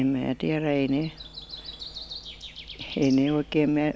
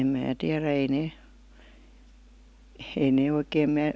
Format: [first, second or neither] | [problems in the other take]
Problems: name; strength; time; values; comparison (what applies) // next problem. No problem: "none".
second | background sound (Breathing); 16 dB below the speech